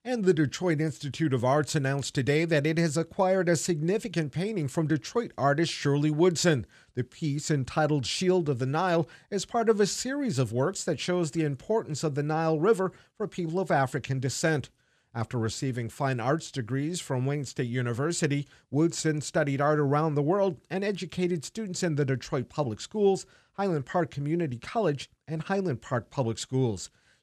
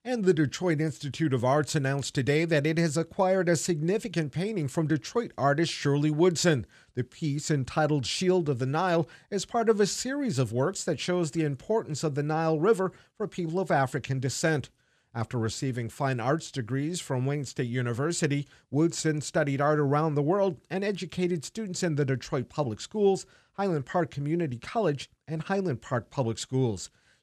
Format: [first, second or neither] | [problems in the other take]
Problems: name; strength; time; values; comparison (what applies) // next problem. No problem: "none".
neither | none